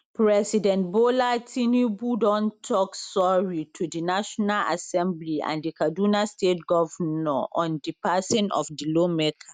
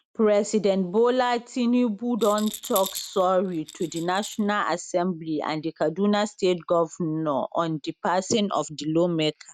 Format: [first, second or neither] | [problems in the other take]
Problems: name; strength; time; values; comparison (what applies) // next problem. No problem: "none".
first | background sound (Rattle); 15 dB below the speech